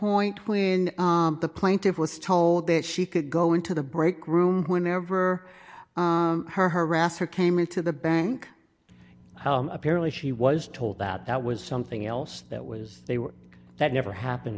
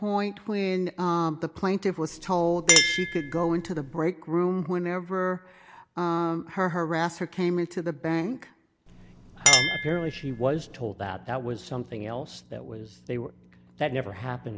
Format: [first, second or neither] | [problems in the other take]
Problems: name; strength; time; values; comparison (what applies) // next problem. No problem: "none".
first | background sound (Chink, clink); 3 dB below the speech